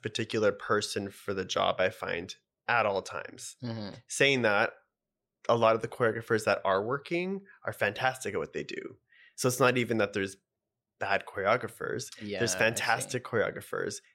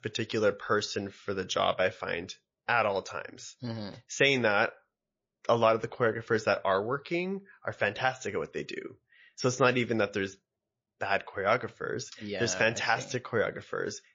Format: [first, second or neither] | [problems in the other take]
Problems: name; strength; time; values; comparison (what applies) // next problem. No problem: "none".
first | garbled, watery; slightly; nothing above 6.5 kHz